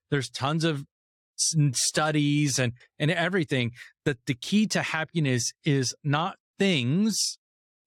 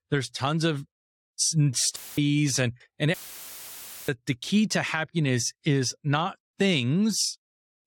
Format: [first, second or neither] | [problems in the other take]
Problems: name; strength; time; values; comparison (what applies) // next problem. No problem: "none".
first | audio cutting out; filled with static; at 2 s and at 3 s for 1 s